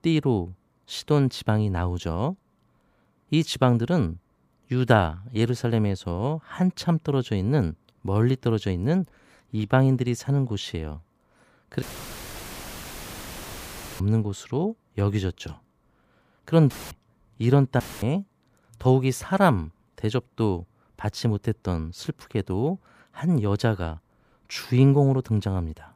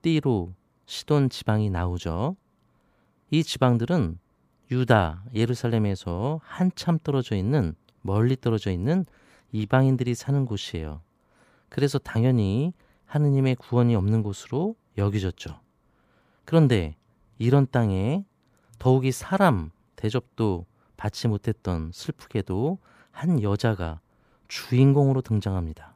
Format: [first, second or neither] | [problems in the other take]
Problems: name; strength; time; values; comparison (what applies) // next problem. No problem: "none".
second | audio cutting out; filled with static; at 12 s for 2 s, at 17 s and at 18 s